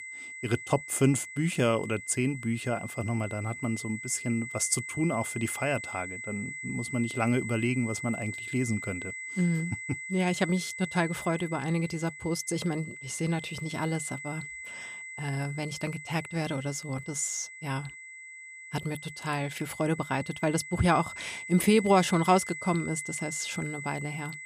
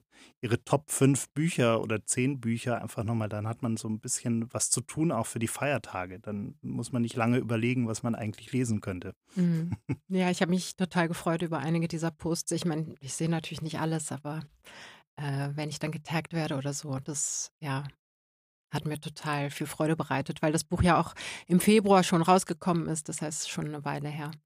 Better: second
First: high-pitched whine; loud; throughout; 2 kHz, 9 dB below the speech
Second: none

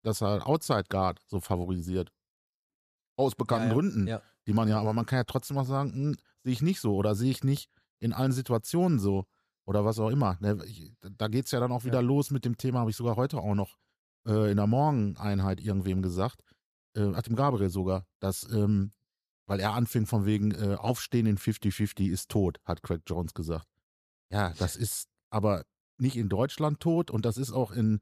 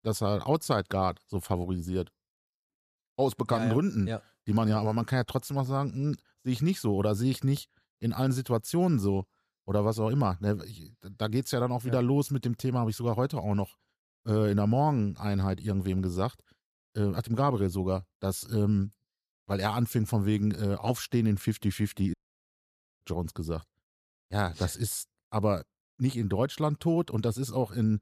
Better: first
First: none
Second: audio cutting out; at 22 s for 1 s

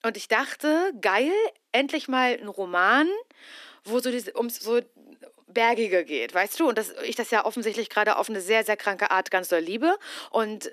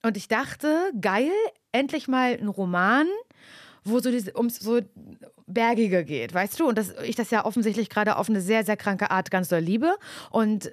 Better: second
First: thin; somewhat; fading below 300 Hz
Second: none

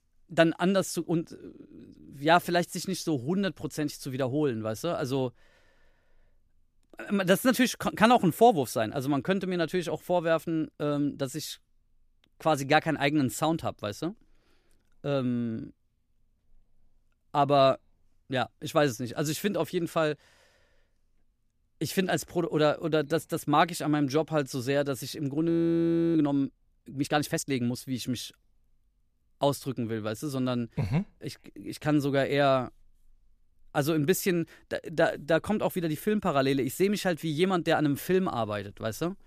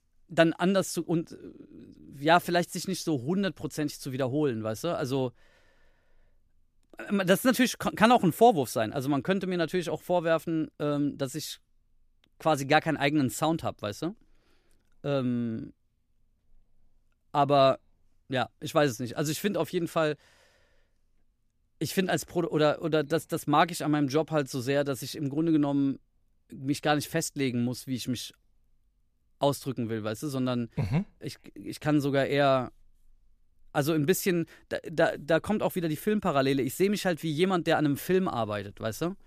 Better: second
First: audio freezing; at 25 s for 0.5 s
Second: none

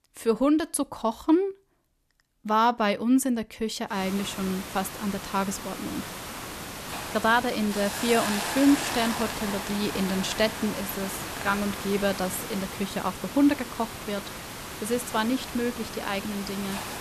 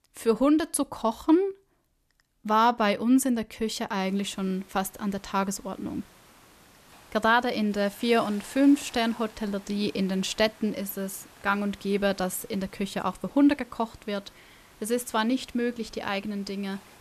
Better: second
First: hiss; loud; from 4 s on; 7 dB below the speech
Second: hiss; faint; from 4 s on; 25 dB below the speech

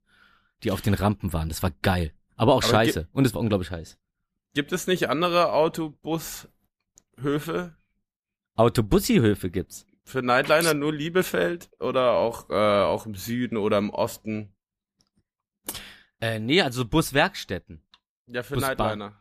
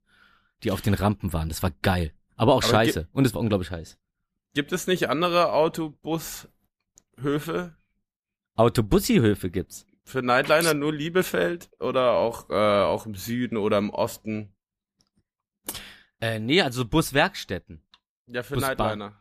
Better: neither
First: none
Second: none

